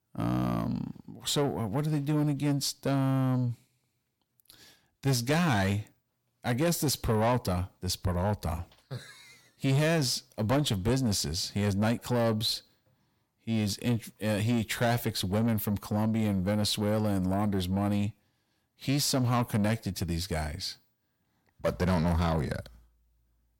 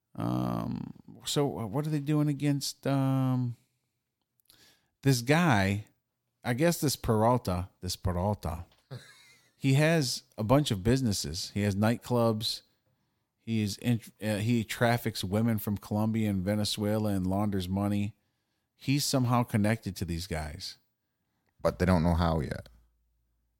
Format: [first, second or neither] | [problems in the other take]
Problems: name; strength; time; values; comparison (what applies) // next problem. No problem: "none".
second | distortion; slight; 10 dB below the speech